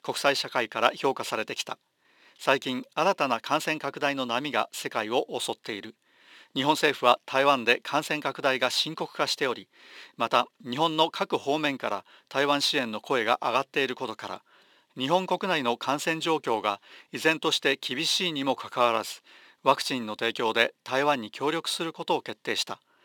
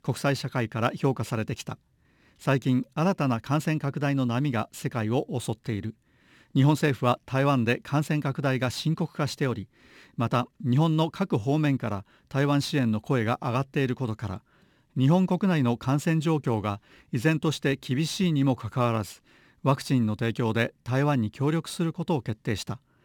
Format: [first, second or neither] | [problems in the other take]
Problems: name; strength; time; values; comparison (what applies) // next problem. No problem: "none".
second | thin; very; fading below 500 Hz